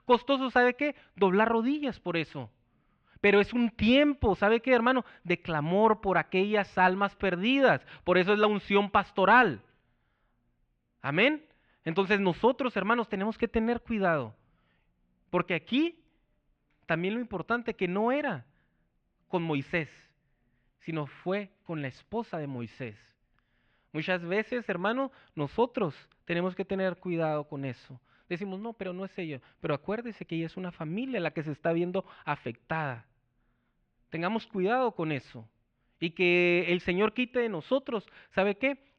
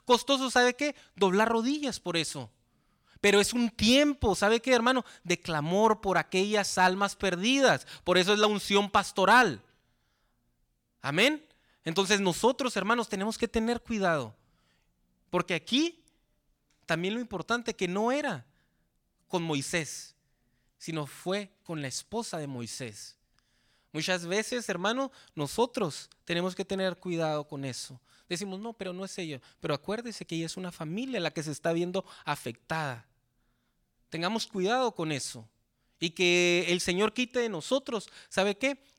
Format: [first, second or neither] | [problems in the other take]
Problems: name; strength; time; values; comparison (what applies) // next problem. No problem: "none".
second | muffled; very; fading above 2.5 kHz